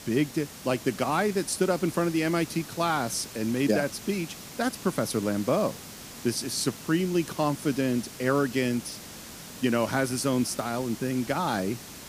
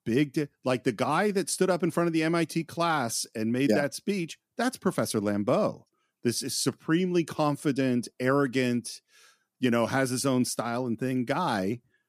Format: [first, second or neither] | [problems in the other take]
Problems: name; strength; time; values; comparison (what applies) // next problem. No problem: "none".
second | hiss; noticeable; throughout; 15 dB below the speech